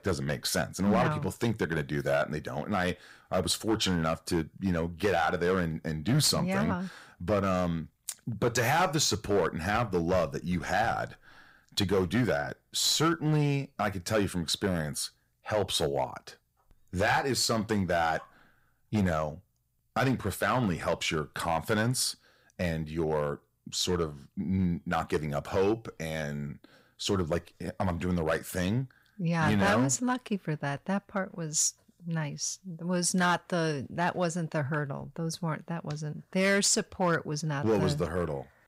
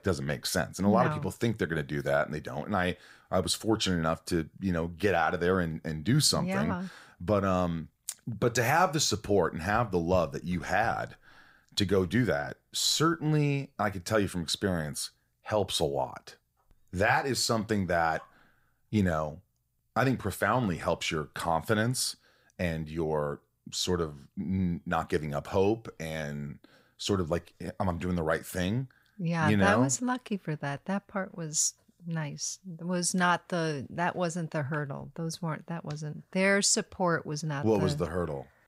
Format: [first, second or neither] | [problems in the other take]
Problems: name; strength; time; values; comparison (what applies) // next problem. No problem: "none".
second | distortion; slight; 4% of the sound clipped